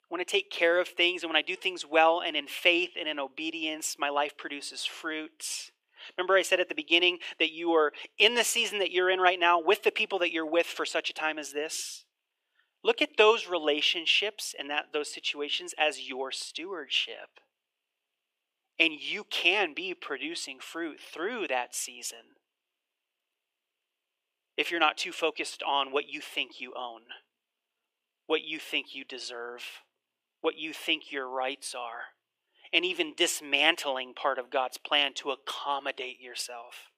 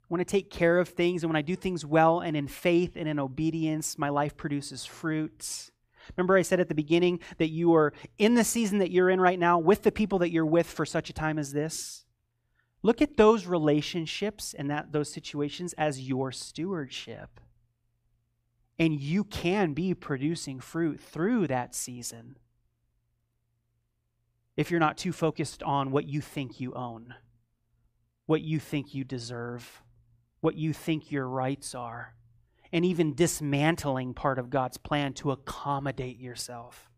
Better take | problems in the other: second | thin; very; fading below 400 Hz

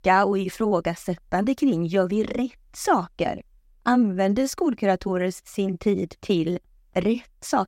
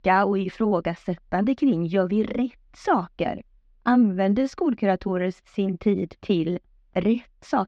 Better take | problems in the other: first | muffled; slightly; fading above 4 kHz

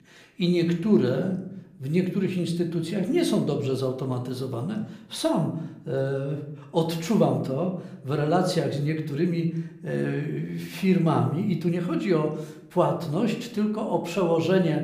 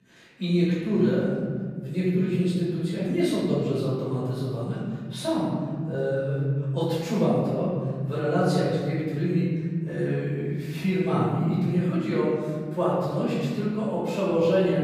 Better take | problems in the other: first | room echo; strong; dies away in 2.2 s; slight in the first // off-mic speech; far

